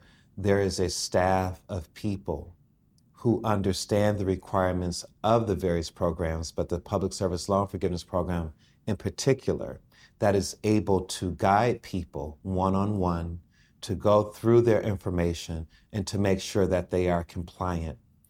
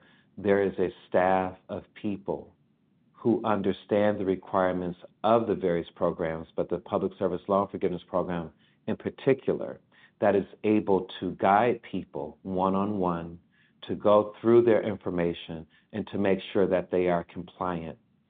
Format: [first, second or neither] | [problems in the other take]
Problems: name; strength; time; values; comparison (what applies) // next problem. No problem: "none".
first | phone-call audio; nothing above 3.5 kHz